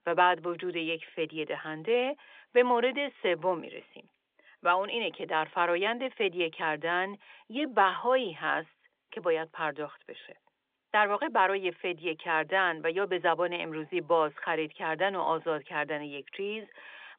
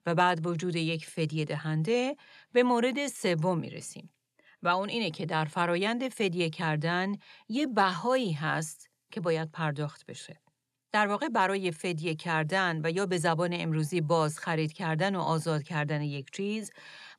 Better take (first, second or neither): second